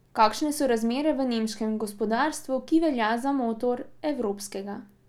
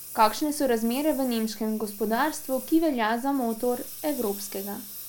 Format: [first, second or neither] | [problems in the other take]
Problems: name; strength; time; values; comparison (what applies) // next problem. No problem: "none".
first | background sound (Engine); 15 dB below the speech